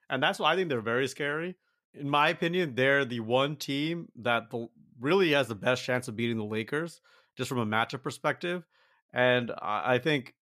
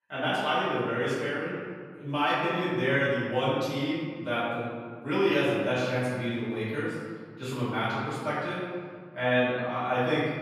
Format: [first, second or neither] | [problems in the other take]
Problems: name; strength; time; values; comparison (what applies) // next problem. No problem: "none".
first | room echo; strong; dies away in 1.7 s // off-mic speech; far